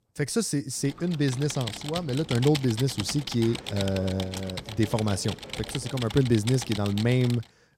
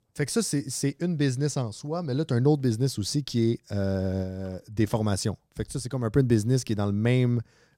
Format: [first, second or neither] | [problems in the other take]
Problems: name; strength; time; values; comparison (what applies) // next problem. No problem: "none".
second | keyboard typing; noticeable; from 1 s on; peak 6 dB below the speech